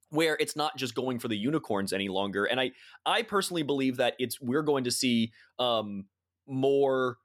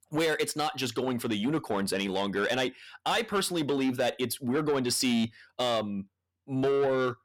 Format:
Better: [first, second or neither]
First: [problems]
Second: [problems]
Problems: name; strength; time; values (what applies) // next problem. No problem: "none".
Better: first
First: none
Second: distortion; slight; 10 dB below the speech